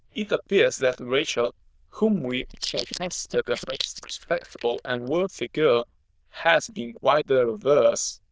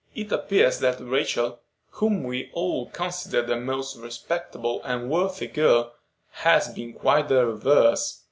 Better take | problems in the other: second | noise reduction (neural diffusion model UNIVERSE++)

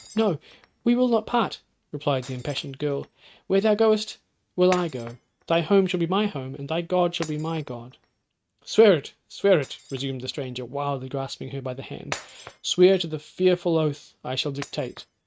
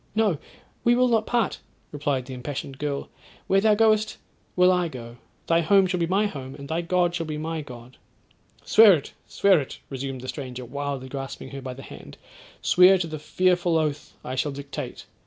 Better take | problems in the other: second | noise reduction (neural mask model RNNoise)

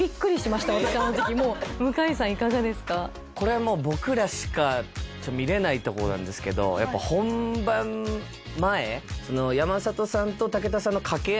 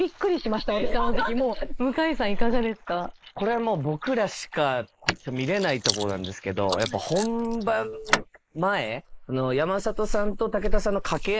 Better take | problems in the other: first | noise reduction (neural mask model Resemble Enhance denoiser)

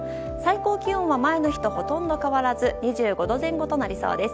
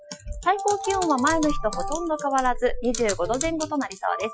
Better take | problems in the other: first | noise reduction (classical method Wiener filter)

